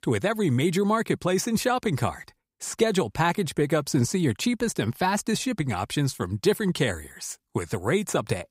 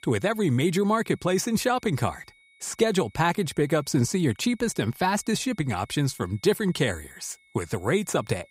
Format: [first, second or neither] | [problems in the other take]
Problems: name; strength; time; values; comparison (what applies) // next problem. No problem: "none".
first | high-pitched whine; faint; throughout; 2 kHz, 30 dB below the speech